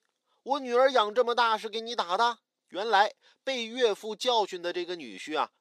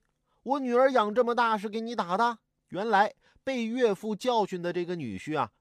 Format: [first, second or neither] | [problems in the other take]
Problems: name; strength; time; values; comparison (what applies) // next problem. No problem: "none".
second | thin; somewhat; fading below 350 Hz